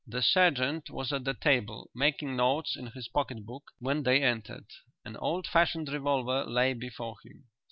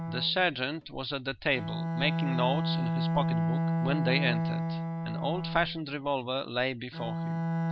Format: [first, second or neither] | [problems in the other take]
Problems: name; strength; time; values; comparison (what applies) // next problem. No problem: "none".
first | background sound (Bowed string instrument); 1 dB above the speech